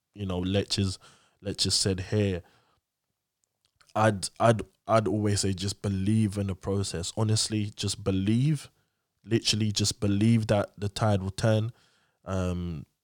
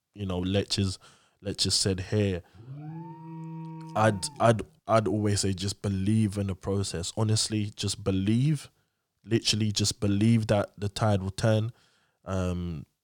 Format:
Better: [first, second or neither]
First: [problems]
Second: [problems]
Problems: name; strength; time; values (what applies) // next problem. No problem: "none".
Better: first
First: none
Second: alarm; faint; from 2.5 to 4.5 s; peak 10 dB below the speech